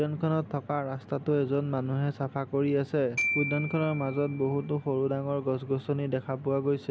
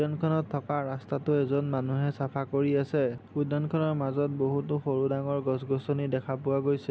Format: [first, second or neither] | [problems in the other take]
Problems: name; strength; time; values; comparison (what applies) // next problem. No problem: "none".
second | background sound (Glockenspiel); 9 dB below the speech